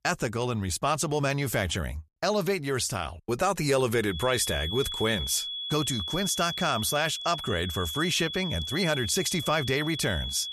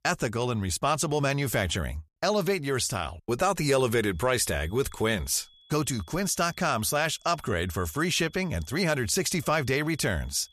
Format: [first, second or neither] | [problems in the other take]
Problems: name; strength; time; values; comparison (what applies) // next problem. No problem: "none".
second | high-pitched whine; loud; from 4 s on; 3.5 kHz, 5 dB below the speech; faint in the second